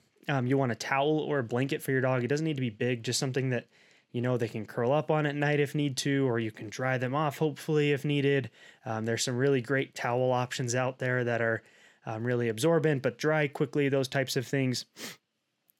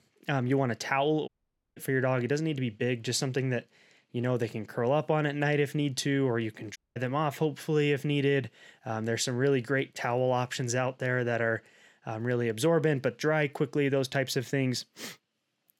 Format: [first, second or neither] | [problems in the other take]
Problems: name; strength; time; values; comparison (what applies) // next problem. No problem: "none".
first | audio cutting out; at 1.5 s and at 7 s